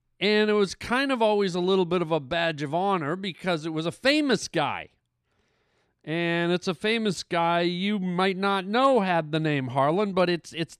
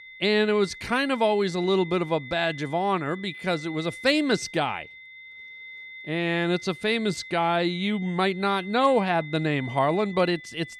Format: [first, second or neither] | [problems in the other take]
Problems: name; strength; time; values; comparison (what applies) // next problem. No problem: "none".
first | high-pitched whine; noticeable; throughout; 2 kHz, 15 dB below the speech